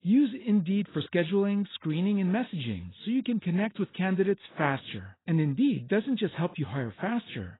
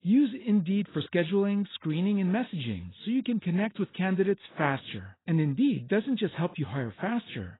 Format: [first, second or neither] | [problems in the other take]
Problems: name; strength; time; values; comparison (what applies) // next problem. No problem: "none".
neither | garbled, watery; badly; nothing above 4 kHz; the same in both